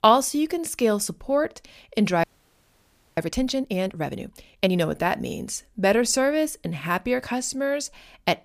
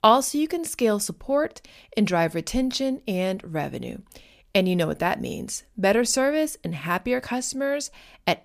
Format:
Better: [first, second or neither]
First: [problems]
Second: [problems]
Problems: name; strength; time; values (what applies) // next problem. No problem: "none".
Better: second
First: audio freezing; at 2 s for 1 s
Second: none